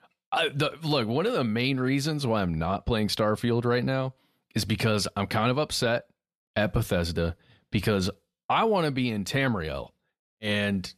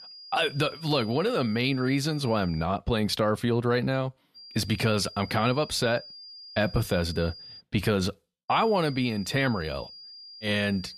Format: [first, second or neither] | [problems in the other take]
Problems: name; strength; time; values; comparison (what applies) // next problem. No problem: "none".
first | high-pitched whine; noticeable; until 2.5 s, from 4.5 to 7.5 s and from 8.5 s on; 5 kHz, 15 dB below the speech